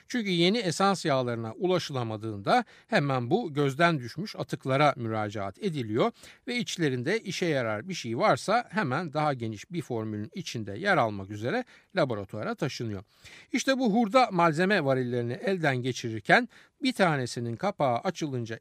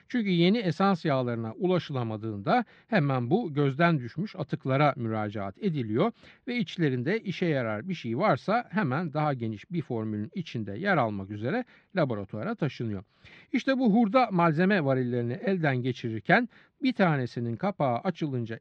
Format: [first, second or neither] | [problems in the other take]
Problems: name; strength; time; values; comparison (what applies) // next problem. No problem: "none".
first | muffled; very slightly; fading above 3.5 kHz